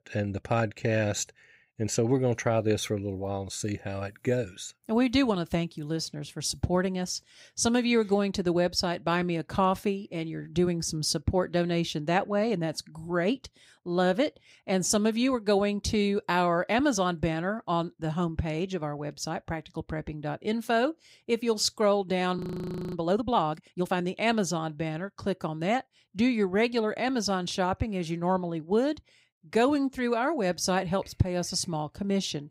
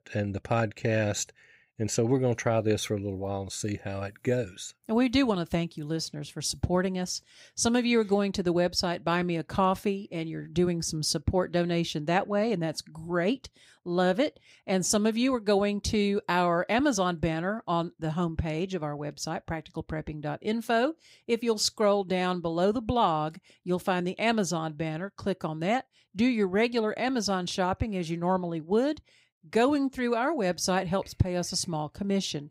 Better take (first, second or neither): second